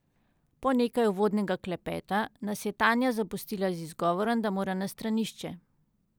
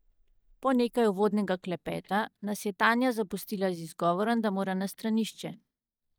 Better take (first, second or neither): first